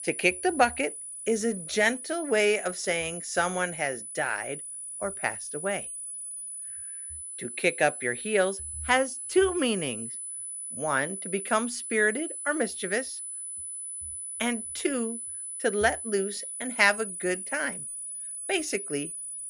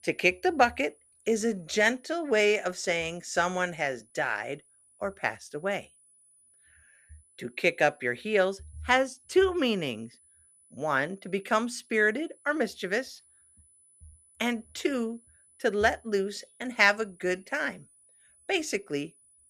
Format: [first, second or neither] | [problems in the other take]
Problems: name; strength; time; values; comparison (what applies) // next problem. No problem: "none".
second | high-pitched whine; loud; throughout; 10 kHz, 7 dB below the speech; faint in the second